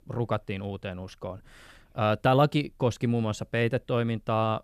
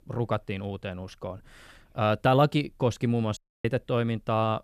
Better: first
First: none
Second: audio cutting out; at 3.5 s

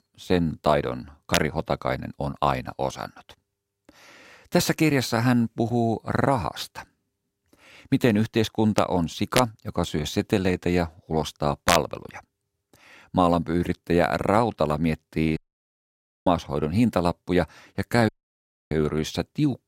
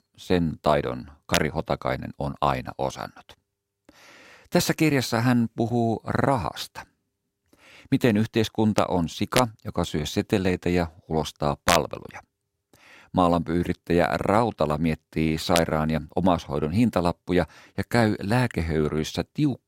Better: second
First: audio cutting out; at 15 s for 1 s and at 18 s for 0.5 s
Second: none

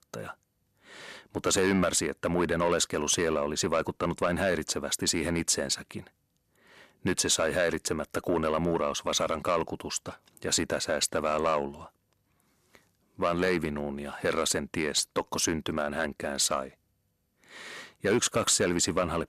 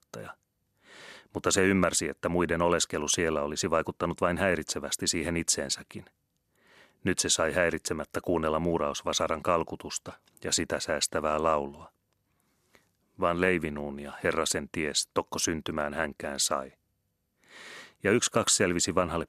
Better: second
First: distortion; slight; 10 dB below the speech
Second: none

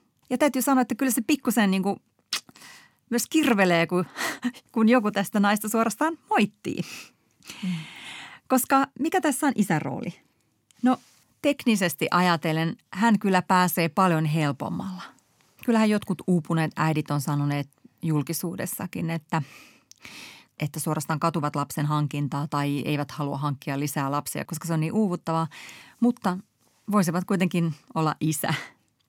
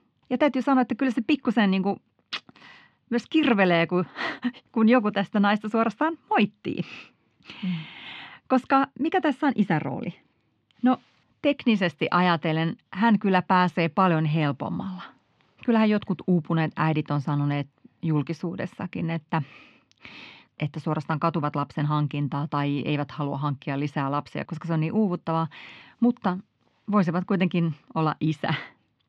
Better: first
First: none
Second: muffled; slightly; fading above 3.5 kHz

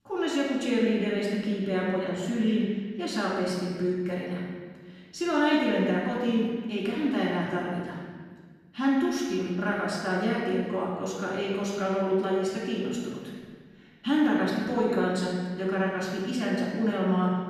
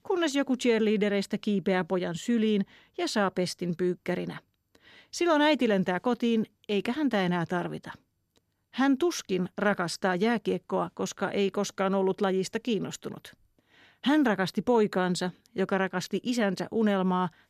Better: second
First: off-mic speech; far // room echo; strong; dies away in 1.5 s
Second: none

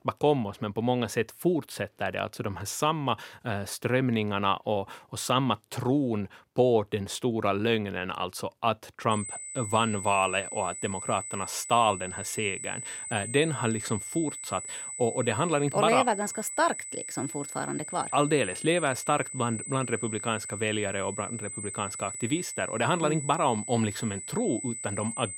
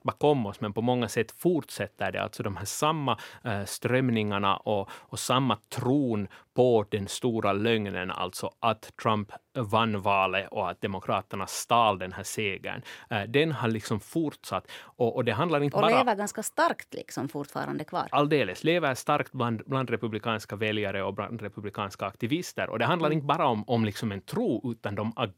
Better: second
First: high-pitched whine; loud; from 9 s on; 8 kHz, 7 dB below the speech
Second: none

